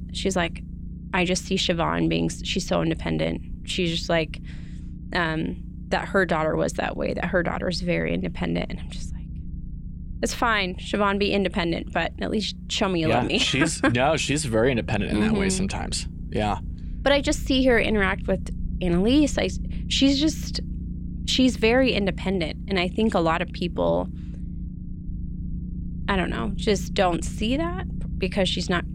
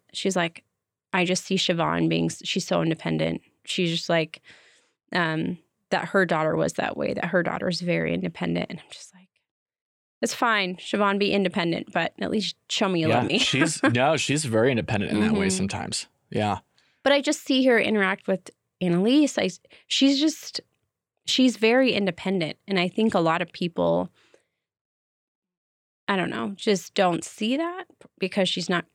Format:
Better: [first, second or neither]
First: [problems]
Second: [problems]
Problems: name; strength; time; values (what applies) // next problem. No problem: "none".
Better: second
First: low rumble; faint; throughout; 20 dB below the speech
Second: none